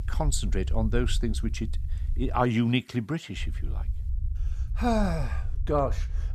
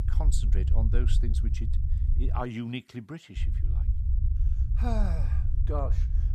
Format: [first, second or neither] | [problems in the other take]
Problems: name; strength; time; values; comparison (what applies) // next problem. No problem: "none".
first | low rumble; loud; until 2.5 s and from 3.5 s on; 8 dB below the speech; faint in the first